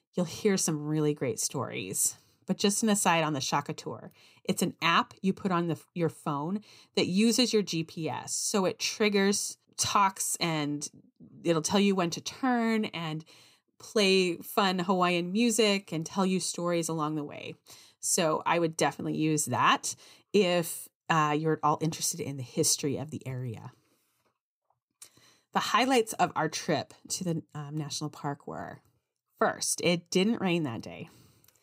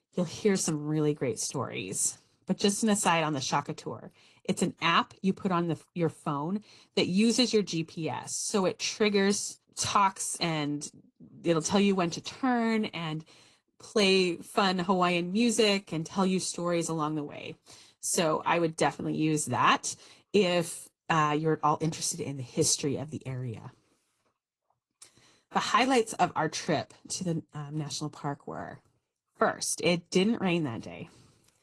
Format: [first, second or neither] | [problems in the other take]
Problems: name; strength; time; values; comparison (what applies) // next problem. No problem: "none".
first | garbled, watery; slightly; nothing above 11 kHz